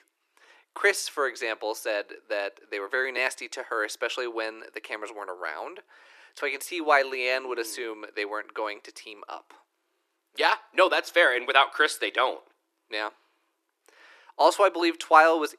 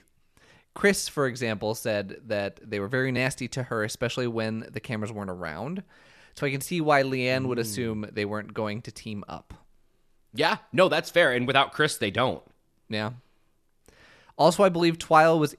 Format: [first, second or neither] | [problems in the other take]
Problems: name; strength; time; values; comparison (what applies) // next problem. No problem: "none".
second | thin; very; fading below 300 Hz